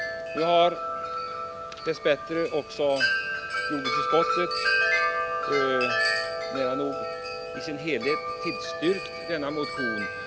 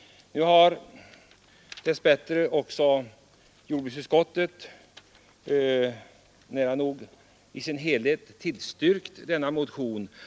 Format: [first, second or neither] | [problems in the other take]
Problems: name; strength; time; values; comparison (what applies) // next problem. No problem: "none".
second | background sound (Wind chime); as loud as the speech